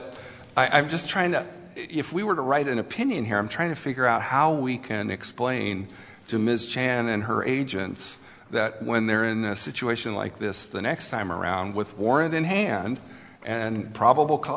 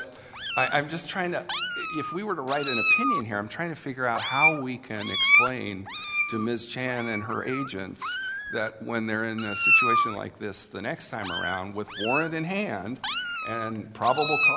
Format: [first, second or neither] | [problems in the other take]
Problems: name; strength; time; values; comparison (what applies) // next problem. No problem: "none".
first | background sound (Meow); 2 dB above the speech